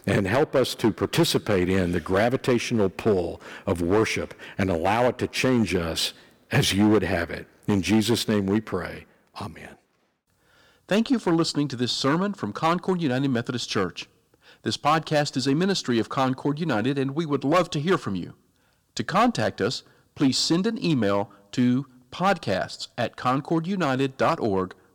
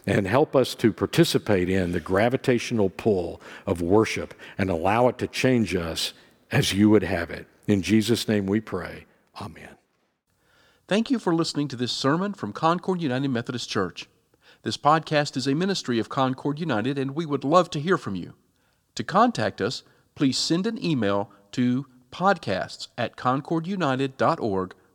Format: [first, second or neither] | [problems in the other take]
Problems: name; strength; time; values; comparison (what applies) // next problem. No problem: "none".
second | distortion; slight; 4% of the sound clipped